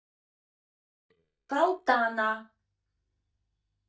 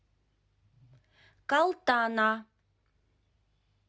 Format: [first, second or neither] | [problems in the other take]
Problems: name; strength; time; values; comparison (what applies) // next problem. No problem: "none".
second | noise reduction (neural mask model DeepFilterNet 3)